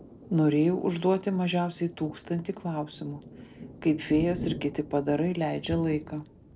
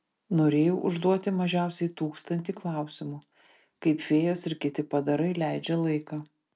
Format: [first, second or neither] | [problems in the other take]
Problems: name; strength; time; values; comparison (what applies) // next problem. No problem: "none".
second | background sound (Thunder); 14 dB below the speech